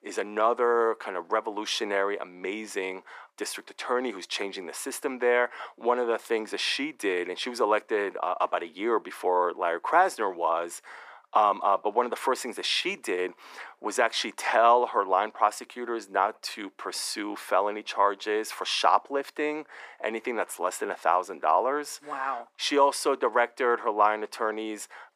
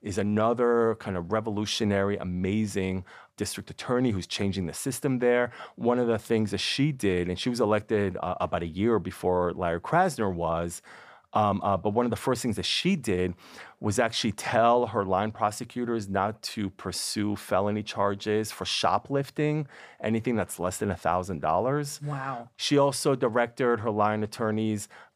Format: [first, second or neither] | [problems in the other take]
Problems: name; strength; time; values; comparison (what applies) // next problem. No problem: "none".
second | thin; very; fading below 300 Hz